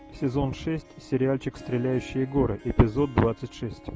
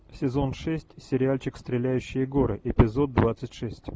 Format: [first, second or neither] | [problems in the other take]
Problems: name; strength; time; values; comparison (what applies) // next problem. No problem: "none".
second | background sound (Harp); 19 dB below the speech